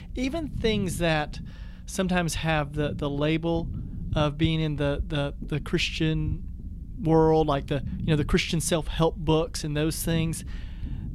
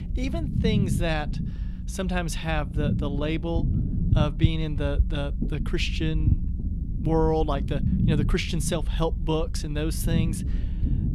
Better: first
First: low rumble; faint; throughout; 20 dB below the speech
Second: low rumble; loud; throughout; 9 dB below the speech

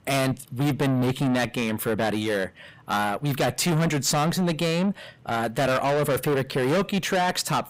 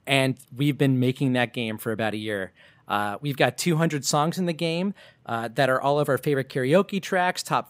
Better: second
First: distortion; heavy; 5 dB below the speech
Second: none

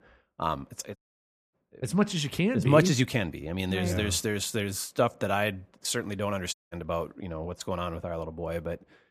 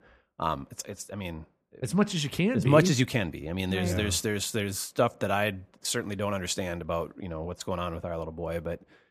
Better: second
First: audio cutting out; at 1 s for 0.5 s and at 6.5 s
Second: none

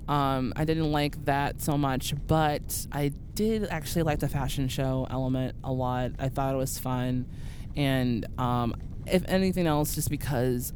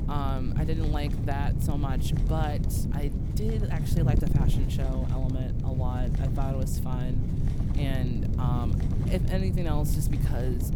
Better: first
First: wind noise on the microphone; occasional gusts; 20 dB below the speech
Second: wind noise on the microphone; heavy; 2 dB below the speech

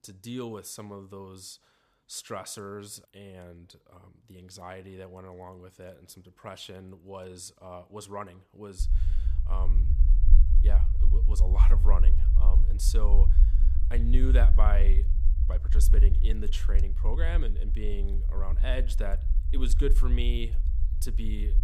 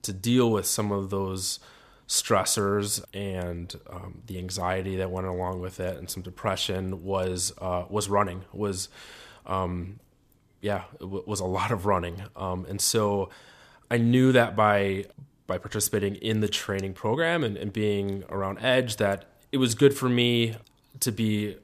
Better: second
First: low rumble; loud; from 9 s on; 8 dB below the speech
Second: none

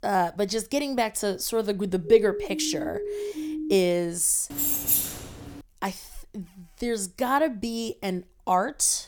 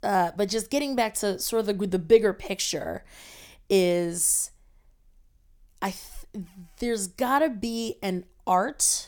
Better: second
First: siren; noticeable; from 2 to 4 s; peak 6 dB below the speech // jangling keys; loud; at 4.5 s; peak 5 dB above the speech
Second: none

